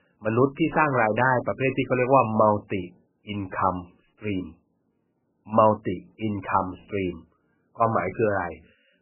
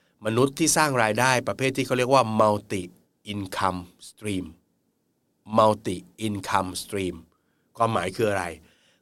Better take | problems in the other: second | garbled, watery; badly; nothing above 3 kHz

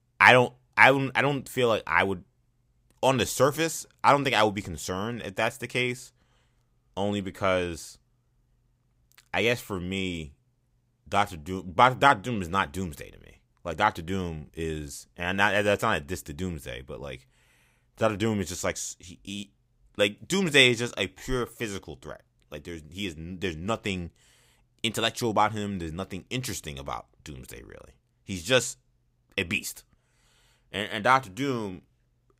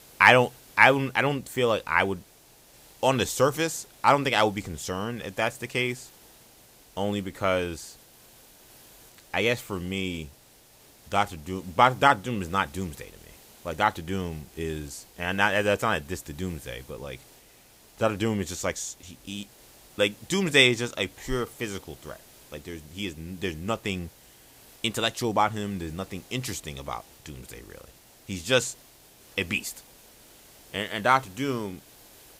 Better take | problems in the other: first | hiss; faint; throughout; 25 dB below the speech

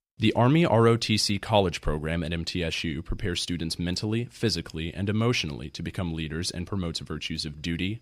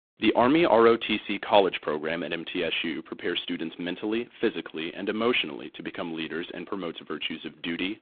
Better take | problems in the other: first | phone-call audio; poor line

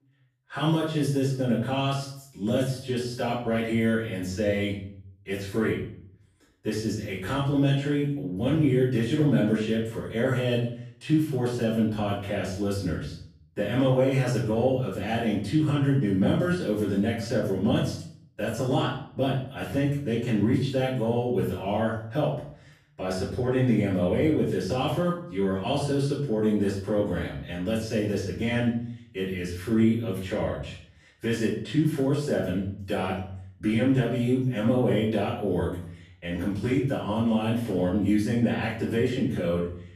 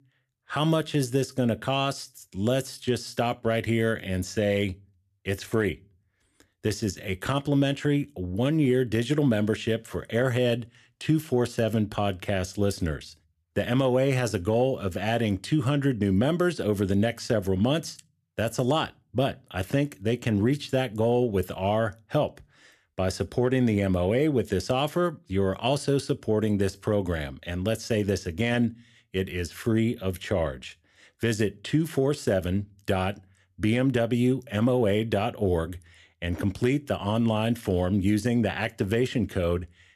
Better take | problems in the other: second | off-mic speech; far // room echo; noticeable; dies away in 0.5 s

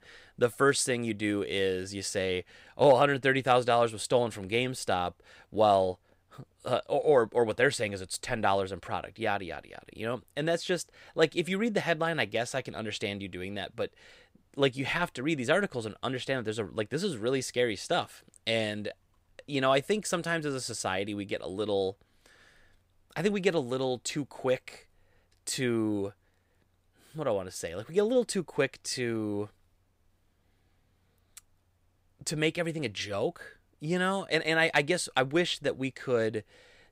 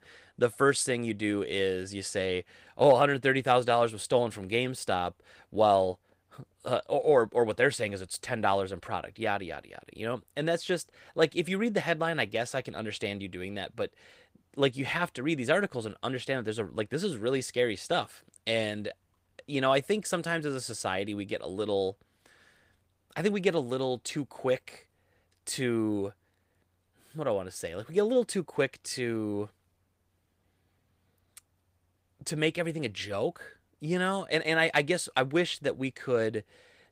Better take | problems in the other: first | garbled, watery; slightly; nothing above 15.5 kHz

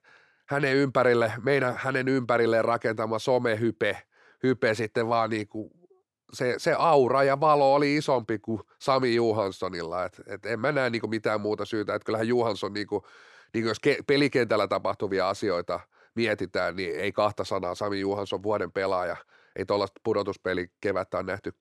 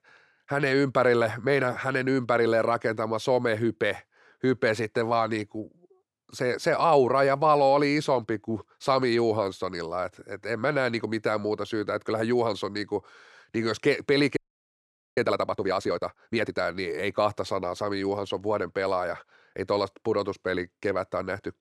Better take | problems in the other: first | audio freezing; at 14 s for 1 s

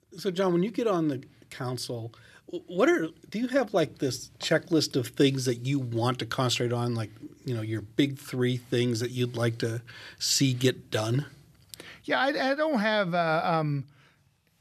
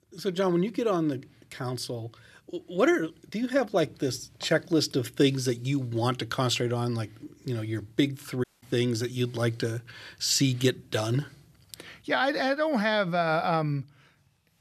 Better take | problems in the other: first | audio cutting out; at 8.5 s

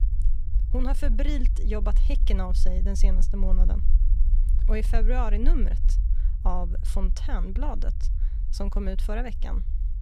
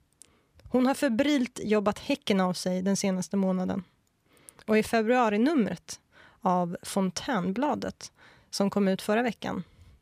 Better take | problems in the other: second | low rumble; noticeable; throughout; 15 dB below the speech

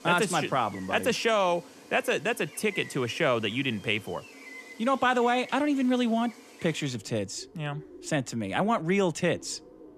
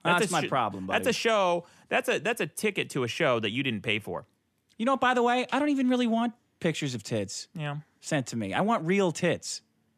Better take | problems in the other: second | animal sounds; noticeable; throughout; 20 dB below the speech

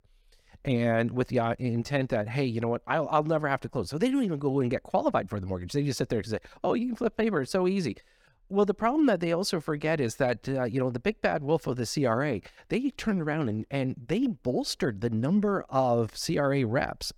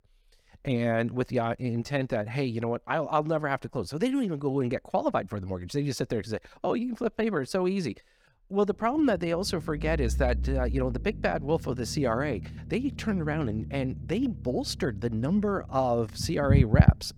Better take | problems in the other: first | low rumble; noticeable; from 8.5 s on; 10 dB below the speech

